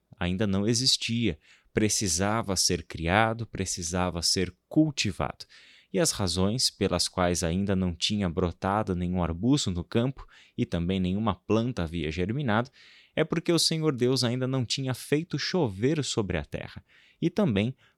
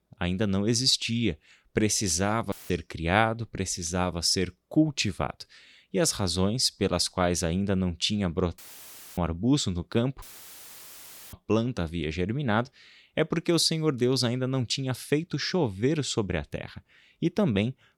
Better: first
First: none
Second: audio cutting out; filled with static; at 2.5 s, at 8.5 s for 0.5 s and at 10 s for 1 s

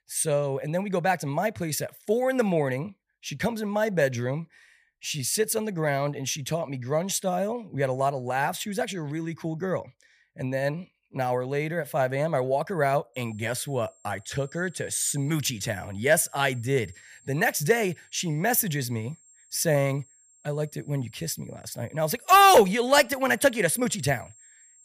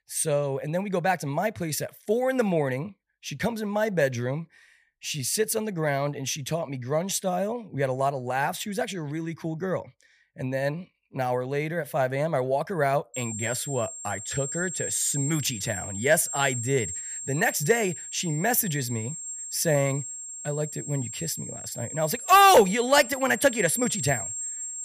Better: first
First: high-pitched whine; faint; from 13 s on; 7.5 kHz, 30 dB below the speech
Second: high-pitched whine; loud; from 13 s on; 7.5 kHz, 7 dB below the speech

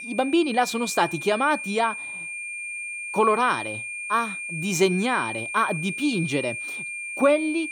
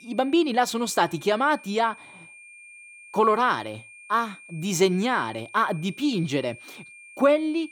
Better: second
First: high-pitched whine; loud; throughout; 2.5 kHz, 7 dB below the speech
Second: high-pitched whine; faint; throughout; 2.5 kHz, 20 dB below the speech

